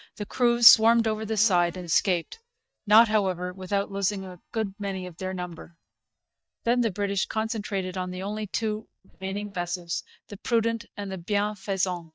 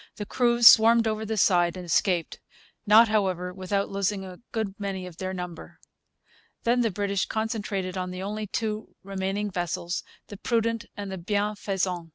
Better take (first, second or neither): second